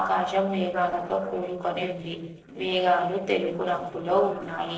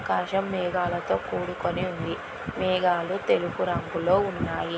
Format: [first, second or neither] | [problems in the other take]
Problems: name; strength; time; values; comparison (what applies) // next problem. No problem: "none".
second | noise reduction (neural separator model SepFormer DNS4)